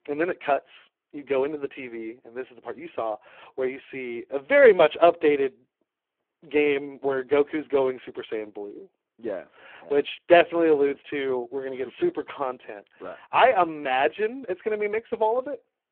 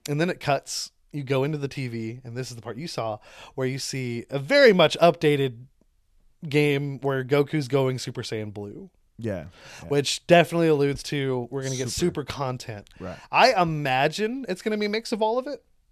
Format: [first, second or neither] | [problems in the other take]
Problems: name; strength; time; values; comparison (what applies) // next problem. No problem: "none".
second | phone-call audio; poor line